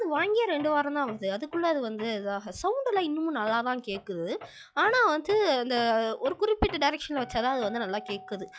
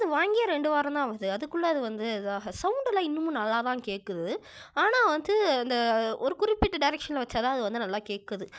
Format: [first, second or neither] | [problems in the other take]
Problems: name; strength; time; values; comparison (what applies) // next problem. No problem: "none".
second | noise reduction (classical method log-MMSE)